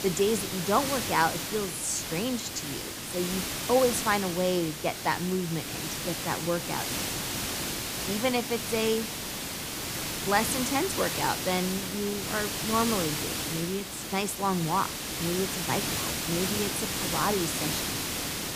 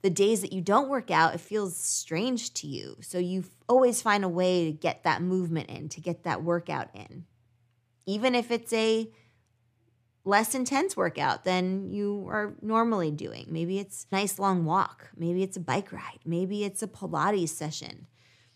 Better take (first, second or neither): second